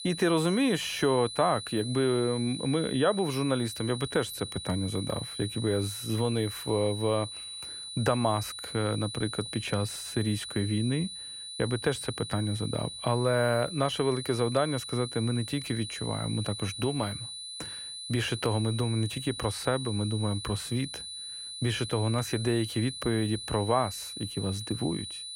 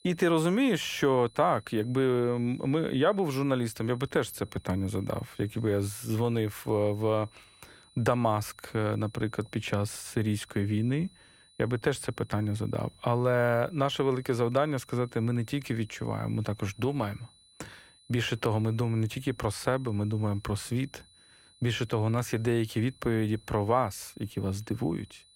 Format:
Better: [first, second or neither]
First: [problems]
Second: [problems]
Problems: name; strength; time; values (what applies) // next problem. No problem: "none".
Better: second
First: high-pitched whine; loud; throughout; 4 kHz, 8 dB below the speech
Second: high-pitched whine; faint; throughout; 4 kHz, 30 dB below the speech